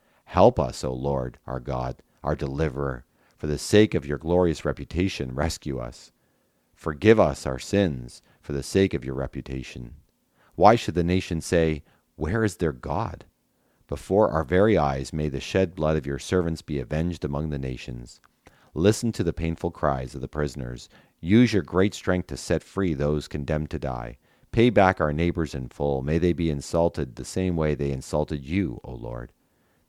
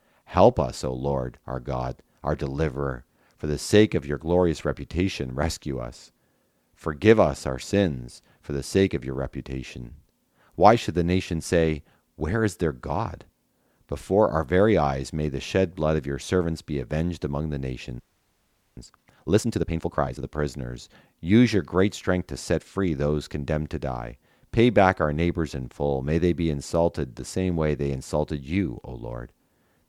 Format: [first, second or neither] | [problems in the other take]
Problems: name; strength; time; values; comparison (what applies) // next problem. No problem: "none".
first | audio freezing; at 18 s for 1 s